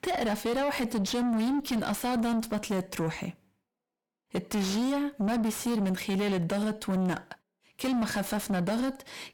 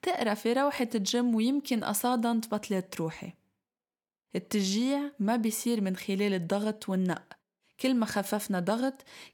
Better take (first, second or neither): second